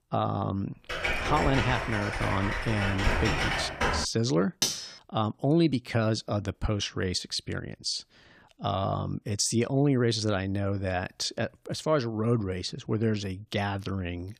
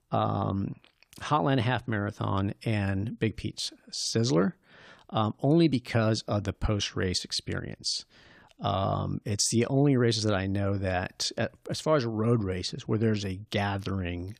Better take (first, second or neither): second